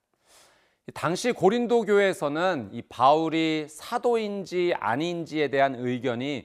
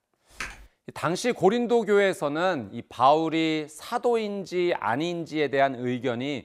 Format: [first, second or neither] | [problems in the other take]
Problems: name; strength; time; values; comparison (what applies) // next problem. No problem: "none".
first | keyboard typing; faint; at 0.5 s; peak 10 dB below the speech